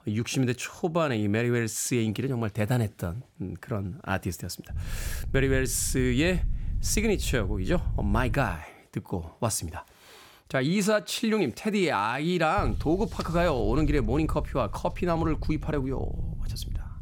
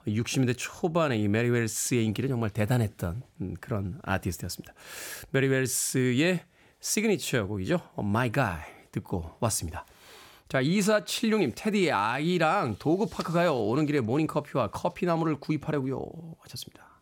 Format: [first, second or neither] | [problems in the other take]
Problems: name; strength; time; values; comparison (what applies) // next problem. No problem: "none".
second | low rumble; faint; from 4.5 to 8.5 s and from 13 s on; 25 dB below the speech